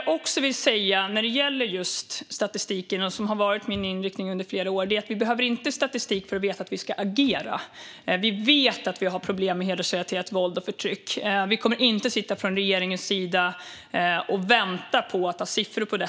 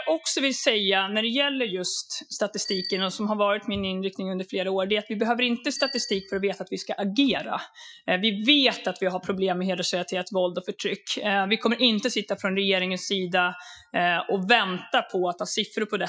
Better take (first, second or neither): first